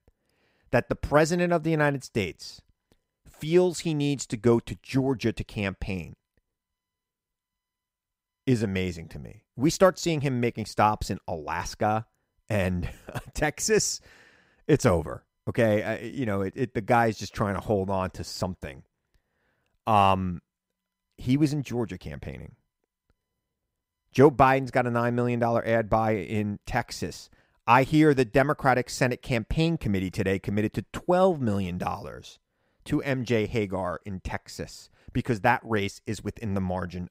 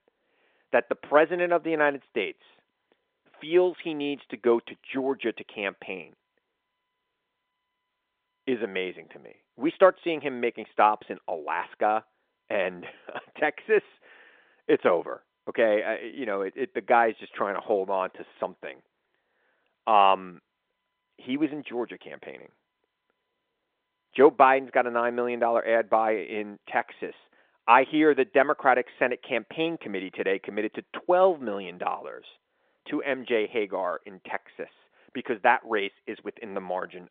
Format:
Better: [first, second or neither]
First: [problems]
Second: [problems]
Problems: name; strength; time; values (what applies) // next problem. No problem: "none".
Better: first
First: none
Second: phone-call audio; nothing above 3.5 kHz